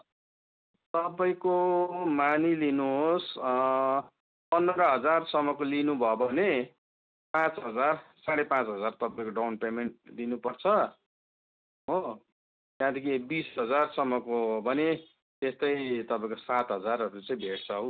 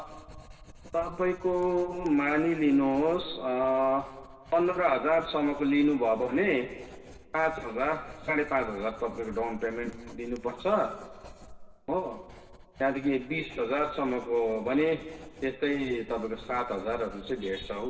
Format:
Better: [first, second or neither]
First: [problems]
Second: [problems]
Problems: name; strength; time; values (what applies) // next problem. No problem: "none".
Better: first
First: none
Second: background sound (Writing); 19 dB below the speech // room echo; dies away in 2.5 s